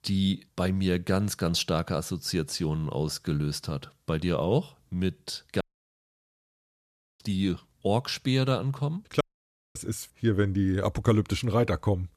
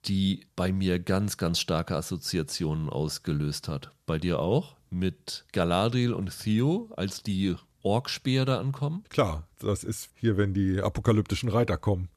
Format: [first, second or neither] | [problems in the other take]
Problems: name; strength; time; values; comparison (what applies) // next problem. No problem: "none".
second | audio cutting out; at 5.5 s for 1.5 s and at 9 s for 0.5 s